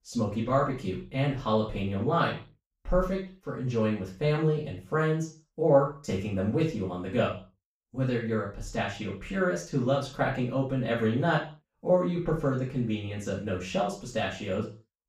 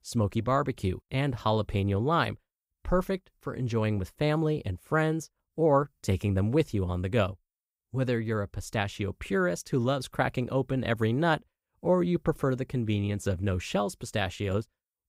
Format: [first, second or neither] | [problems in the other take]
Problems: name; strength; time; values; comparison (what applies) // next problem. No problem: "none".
second | room echo; noticeable; dies away in 0.3 s // off-mic speech; far